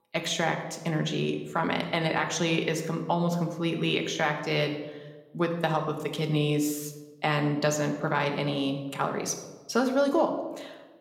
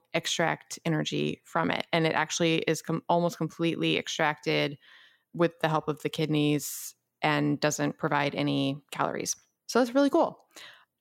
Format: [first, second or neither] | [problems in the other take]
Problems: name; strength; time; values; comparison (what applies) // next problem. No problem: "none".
second | room echo; slight; dies away in 0.9 s